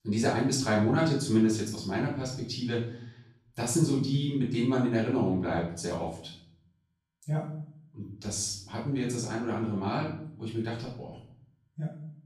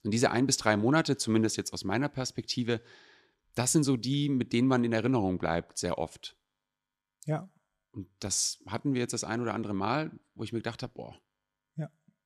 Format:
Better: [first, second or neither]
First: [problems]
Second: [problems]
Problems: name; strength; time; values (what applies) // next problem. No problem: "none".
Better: second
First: off-mic speech; far // room echo; noticeable; dies away in 0.7 s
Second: none